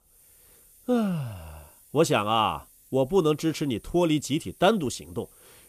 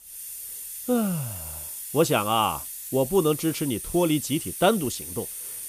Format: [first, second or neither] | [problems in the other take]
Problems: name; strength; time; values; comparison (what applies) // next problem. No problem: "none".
first | hiss; loud; throughout; 8 dB below the speech; faint in the first